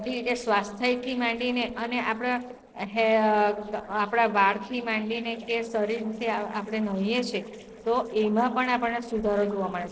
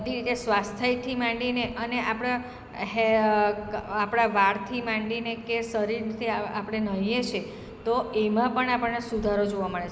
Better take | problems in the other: second | noise reduction (neural separator model SepFormer DNS4)

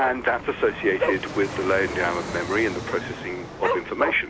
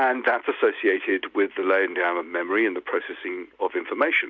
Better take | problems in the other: second | background sound (Fixed-wing aircraft, airplane + Dog); 6 dB below the speech

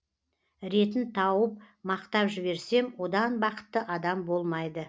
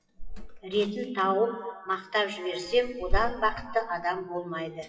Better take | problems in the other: first | noise reduction (classical method WPE with log-MMSE)

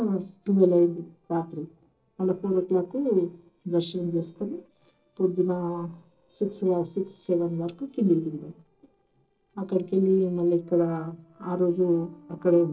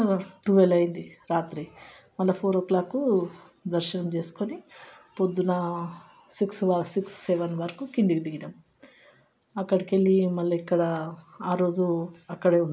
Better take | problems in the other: second | noise reduction (neural separator model SepFormer DNS4)

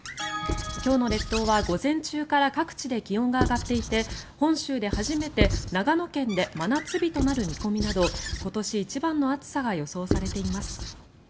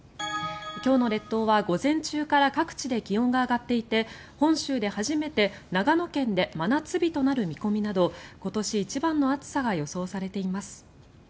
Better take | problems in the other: second | background sound (Squeak / Writing); 6 dB below the speech

